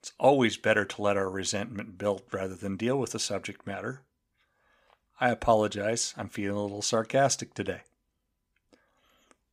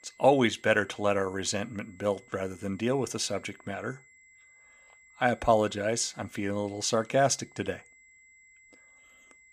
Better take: first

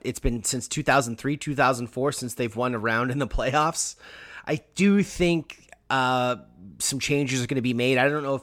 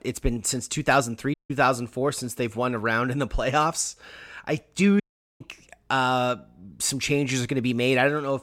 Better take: first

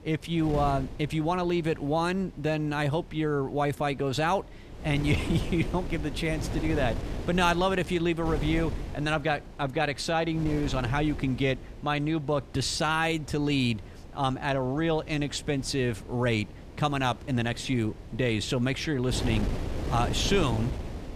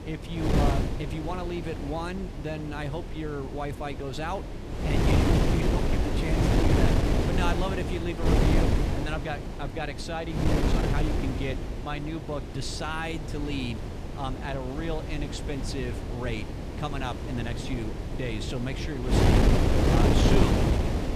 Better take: first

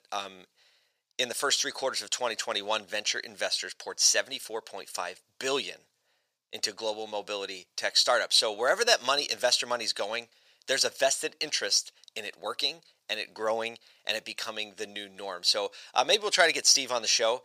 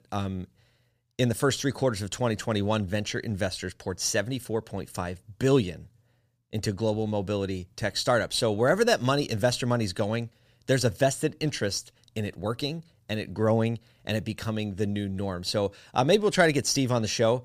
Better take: second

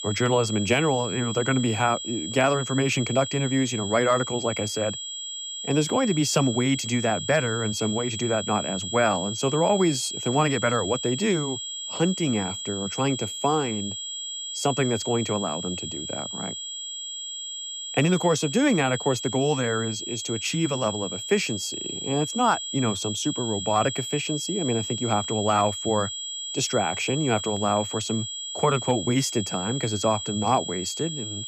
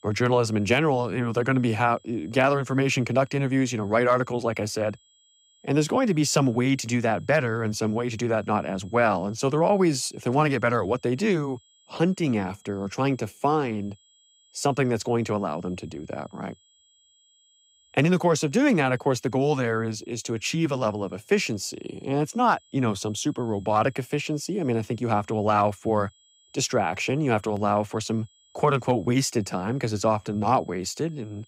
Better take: second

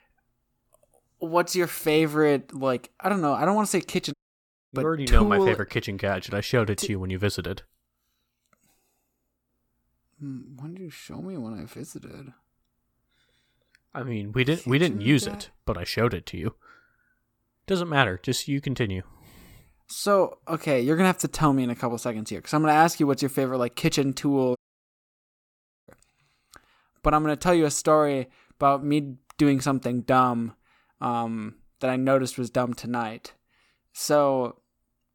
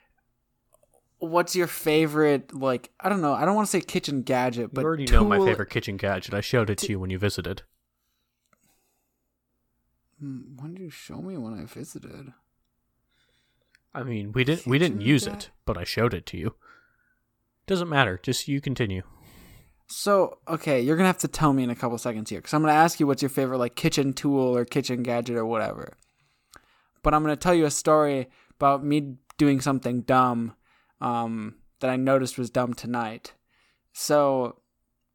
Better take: second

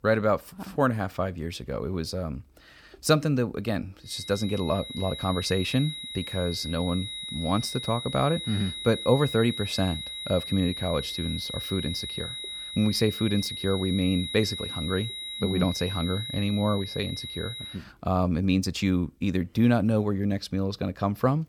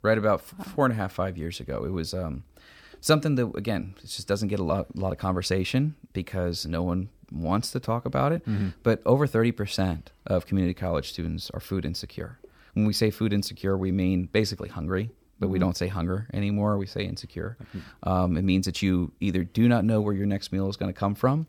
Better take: second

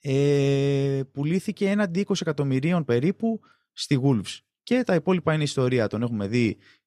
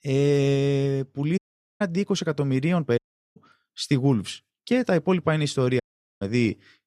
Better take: first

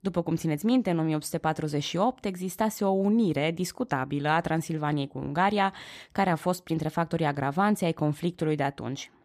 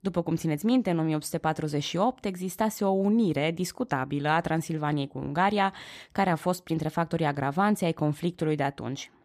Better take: neither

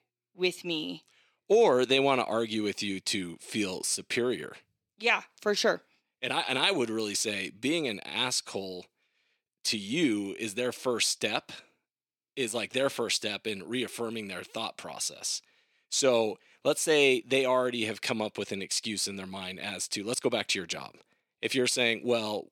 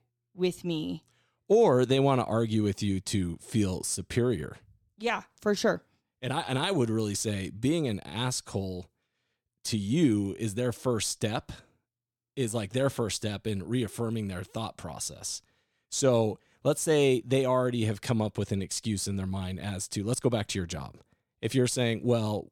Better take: second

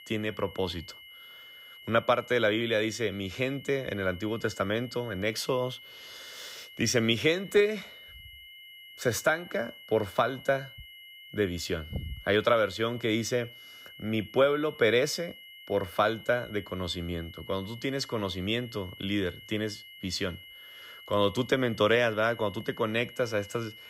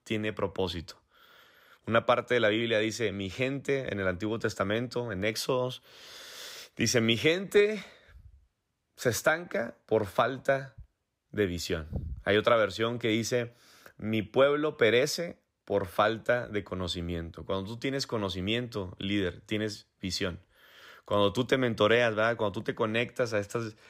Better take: second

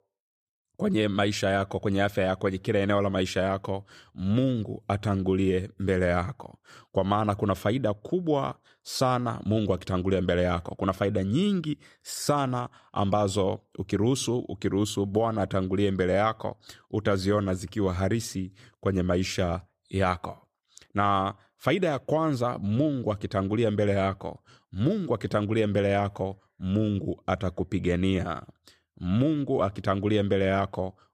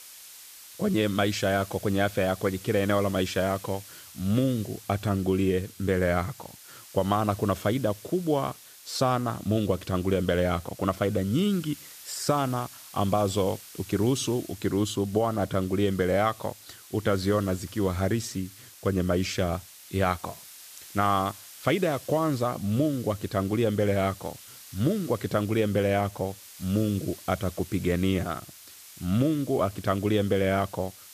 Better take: first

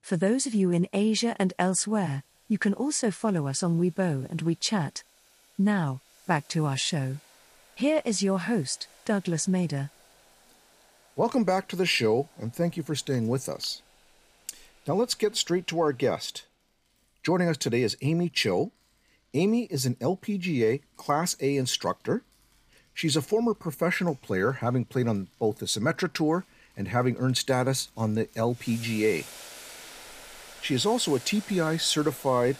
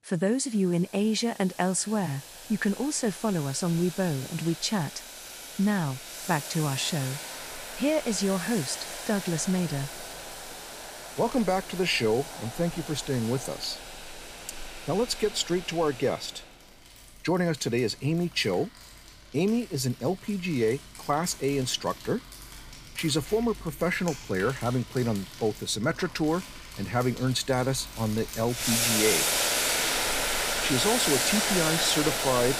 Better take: first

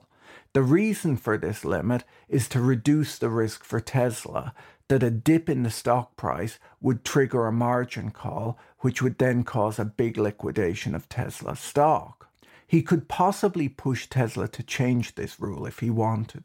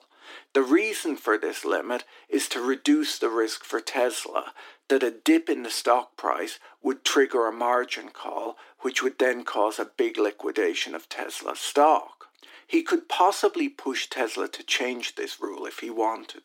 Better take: first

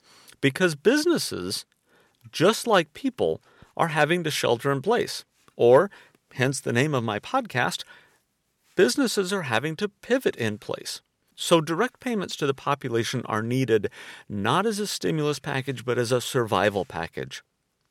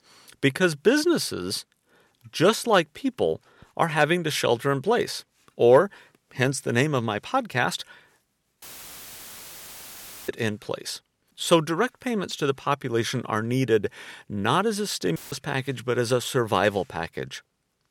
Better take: first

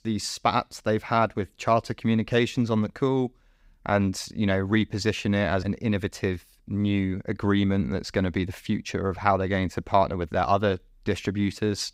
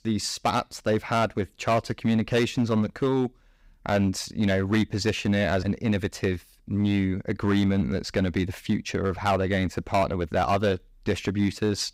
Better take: first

